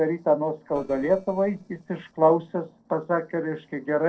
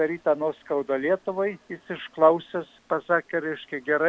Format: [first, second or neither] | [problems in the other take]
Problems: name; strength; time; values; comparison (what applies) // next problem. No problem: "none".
second | noise reduction (neural separator model SepFormer DNS4)